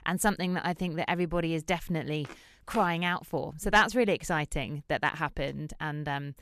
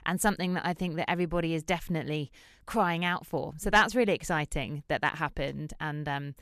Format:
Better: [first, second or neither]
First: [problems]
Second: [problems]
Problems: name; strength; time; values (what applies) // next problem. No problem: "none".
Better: second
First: footsteps; faint; at 2 s; peak 15 dB below the speech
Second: none